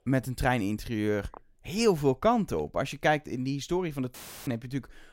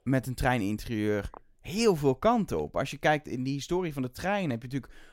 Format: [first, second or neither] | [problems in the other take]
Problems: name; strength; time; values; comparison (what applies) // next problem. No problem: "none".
second | audio cutting out; filled with static; at 4 s